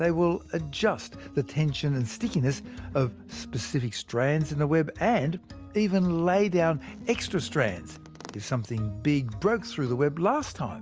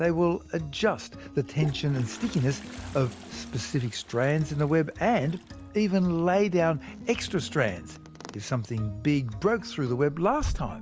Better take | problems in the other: first | background sound (Toilet flush); 17 dB below the speech

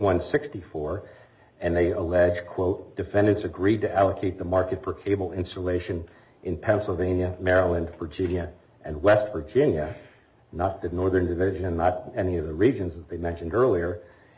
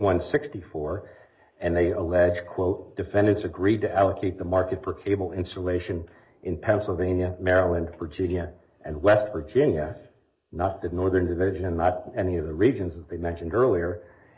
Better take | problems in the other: first | noise reduction (neural mask model Resemble Enhance denoiser)

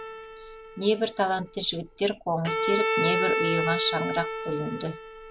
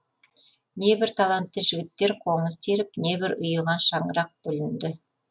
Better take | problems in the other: second | background sound (Bowed string instrument); 1 dB below the speech

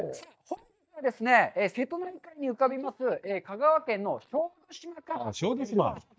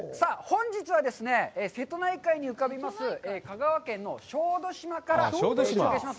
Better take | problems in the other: second | noise reduction (neural mask model DeepFilterNet 3)

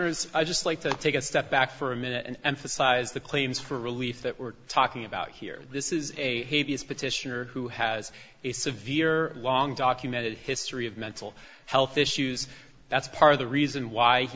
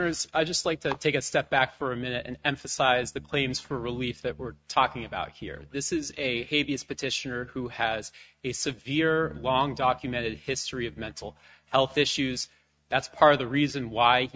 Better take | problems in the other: first | noise reduction (neural mask model RNNoise)

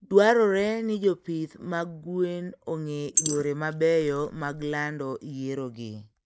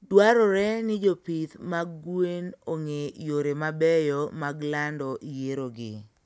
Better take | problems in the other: second | noise reduction (neural mask model Resemble Enhance denoiser)

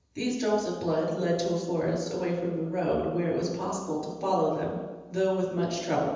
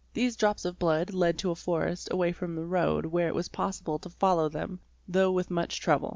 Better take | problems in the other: second | room echo; dies away in 1.1 s

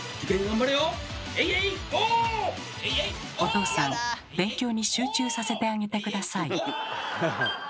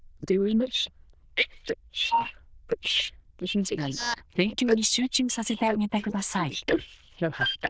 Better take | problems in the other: first | noise reduction (neural diffusion model UNIVERSE++)

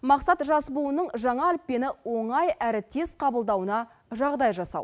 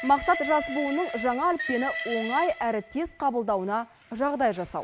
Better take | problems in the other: first | background sound (Train); 10 dB below the speech

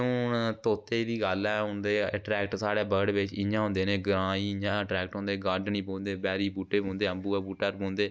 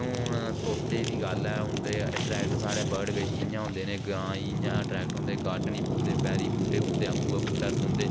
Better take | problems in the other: first | background sound (Fire); 5 dB above the speech

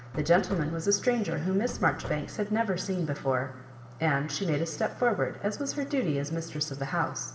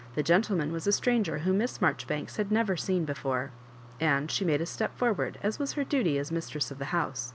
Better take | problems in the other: second | background sound (Knock / Wood); 15 dB below the speech // room echo; dies away in 2.3 s

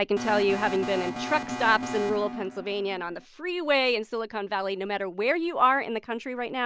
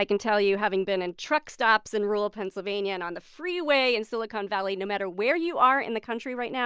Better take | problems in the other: second | background sound (Alarm); 7 dB below the speech

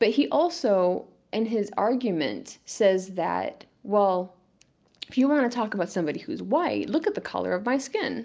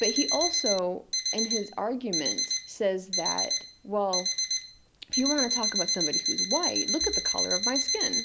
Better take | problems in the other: first | background sound (Alarm); 2 dB above the speech

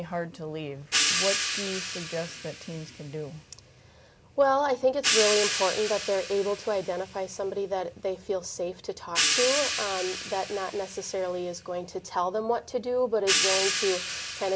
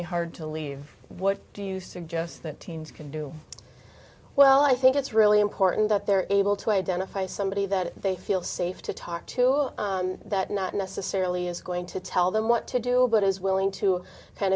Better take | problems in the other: second | background sound (Hi-hat); 2 dB below the speech

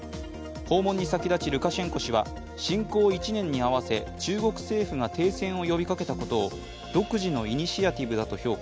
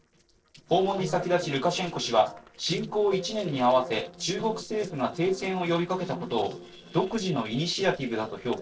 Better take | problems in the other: first | noise reduction (neural separator model SepFormer DNS4)

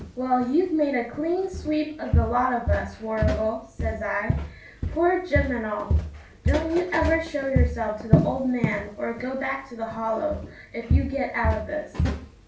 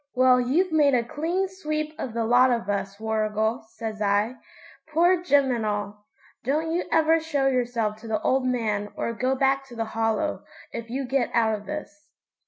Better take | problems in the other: second | background sound (Walk, footsteps); 1 dB below the speech // room echo; dies away in 0.4 s

